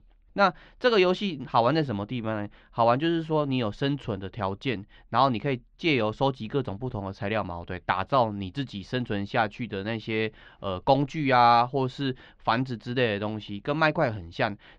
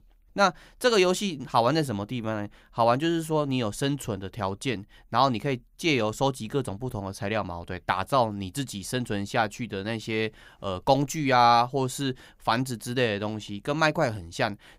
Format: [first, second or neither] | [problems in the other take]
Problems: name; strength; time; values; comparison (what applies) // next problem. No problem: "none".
second | muffled; very slightly; fading above 4 kHz